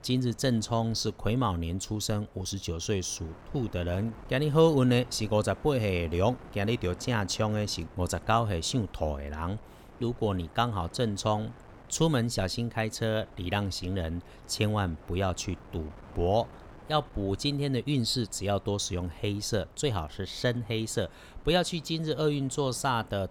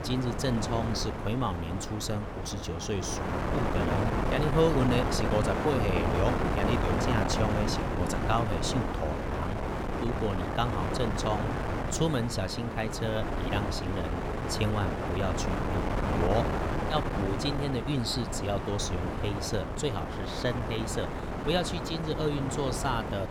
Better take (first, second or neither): first